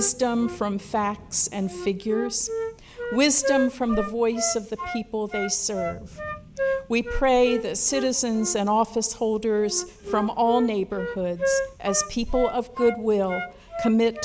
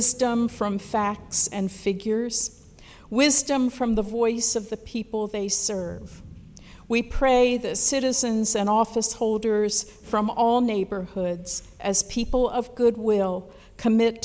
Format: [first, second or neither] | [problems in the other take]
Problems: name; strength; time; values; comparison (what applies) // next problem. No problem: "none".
second | background sound (Wind instrument, woodwind instrument); 8 dB below the speech